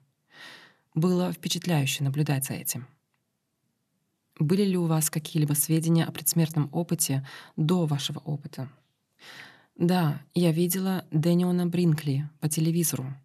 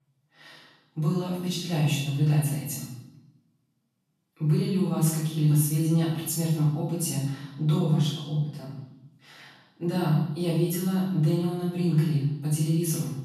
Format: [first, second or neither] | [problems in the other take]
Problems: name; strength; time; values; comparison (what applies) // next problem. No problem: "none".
first | off-mic speech; far // room echo; strong; dies away in 0.8 s